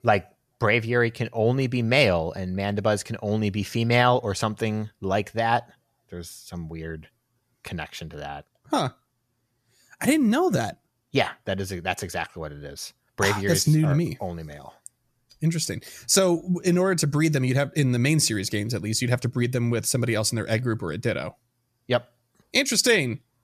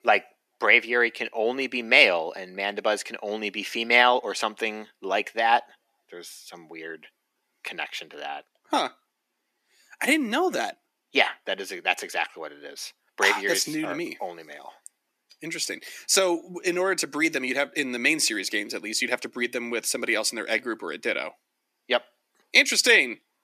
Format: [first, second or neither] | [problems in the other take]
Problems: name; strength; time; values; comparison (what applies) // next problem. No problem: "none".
first | thin; somewhat; fading below 250 Hz